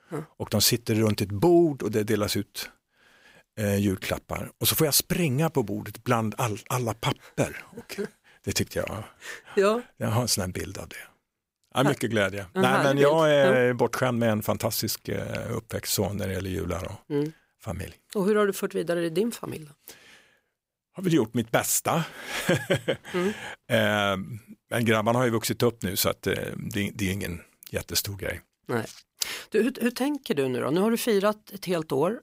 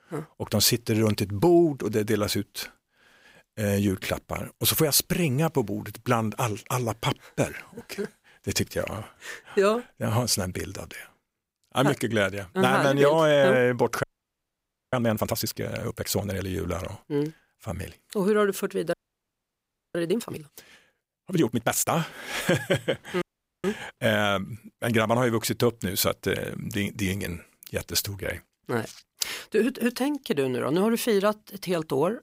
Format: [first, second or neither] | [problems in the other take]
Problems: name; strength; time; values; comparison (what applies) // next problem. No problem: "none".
first | audio freezing; at 14 s for 1 s, at 19 s for 1 s and at 23 s